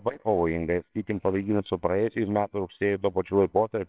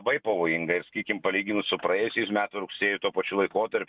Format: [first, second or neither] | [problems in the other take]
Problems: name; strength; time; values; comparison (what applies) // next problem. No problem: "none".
second | noise reduction (neural separator model SepFormer WHAMR!)